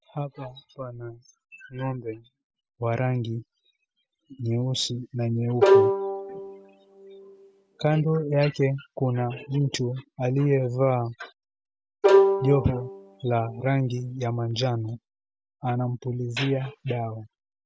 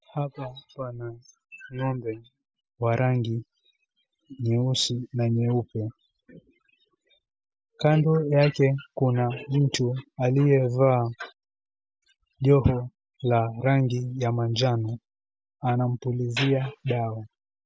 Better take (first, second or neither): second